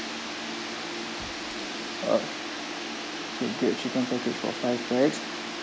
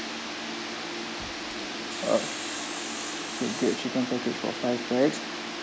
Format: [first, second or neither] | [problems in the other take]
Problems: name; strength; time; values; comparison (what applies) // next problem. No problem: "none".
first | background sound (Sawing); 12 dB below the speech